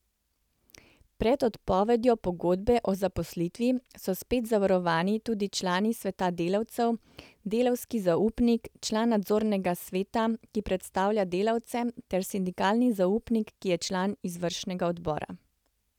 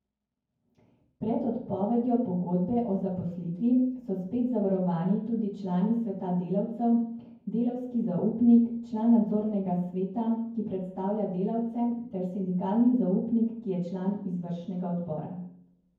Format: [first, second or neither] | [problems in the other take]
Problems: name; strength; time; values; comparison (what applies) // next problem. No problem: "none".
first | room echo; dies away in 0.9 s